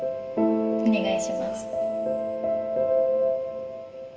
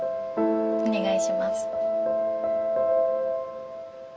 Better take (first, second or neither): second